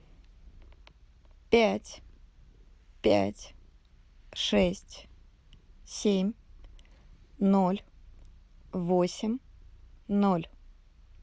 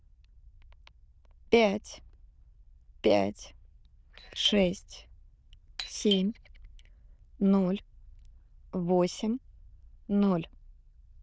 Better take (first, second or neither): first